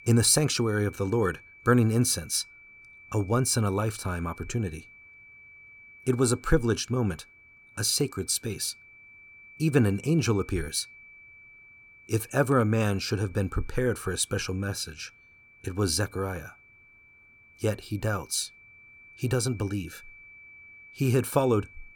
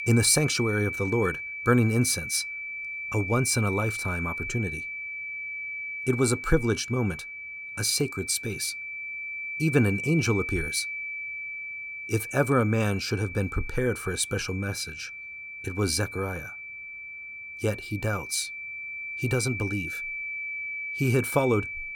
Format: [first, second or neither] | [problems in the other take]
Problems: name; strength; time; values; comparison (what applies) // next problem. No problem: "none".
first | high-pitched whine; loud; throughout; 2.5 kHz, 6 dB below the speech; faint in the first